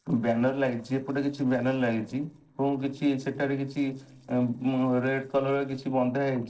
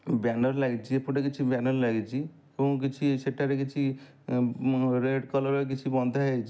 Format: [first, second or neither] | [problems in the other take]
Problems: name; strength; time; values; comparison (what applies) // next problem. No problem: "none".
second | noise reduction (neural separator model SepFormer DNS4)